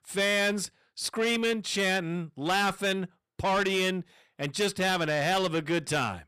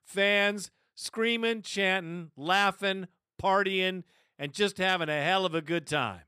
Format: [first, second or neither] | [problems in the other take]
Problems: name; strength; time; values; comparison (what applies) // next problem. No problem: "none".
second | distortion; heavy; 7 dB below the speech